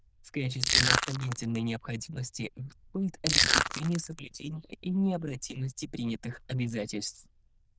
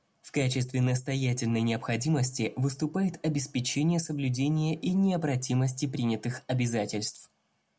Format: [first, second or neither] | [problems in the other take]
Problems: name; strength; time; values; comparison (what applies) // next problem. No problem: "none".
second | noise reduction (neural diffusion model UNIVERSE++)